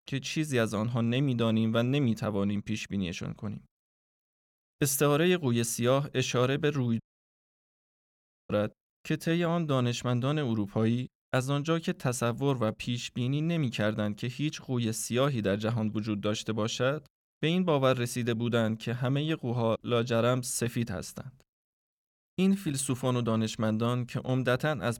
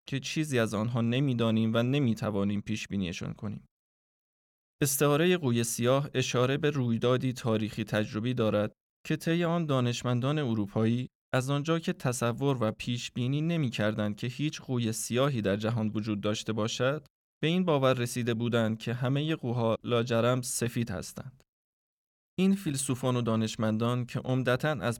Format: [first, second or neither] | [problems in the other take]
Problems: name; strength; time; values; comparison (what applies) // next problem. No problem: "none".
second | audio cutting out; at 7 s for 1.5 s